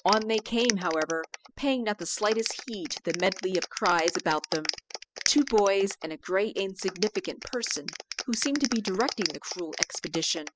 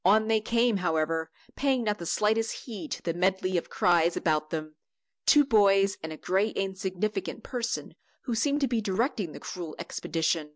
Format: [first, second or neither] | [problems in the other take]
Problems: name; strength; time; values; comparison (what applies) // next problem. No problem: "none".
second | noise reduction (classical method spectral subtraction)